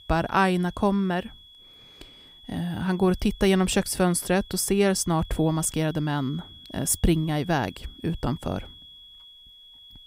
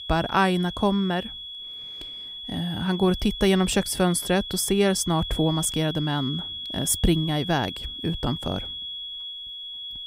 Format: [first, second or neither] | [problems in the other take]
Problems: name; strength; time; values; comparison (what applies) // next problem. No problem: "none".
first | high-pitched whine; loud; throughout; 3.5 kHz, 8 dB below the speech; faint in the first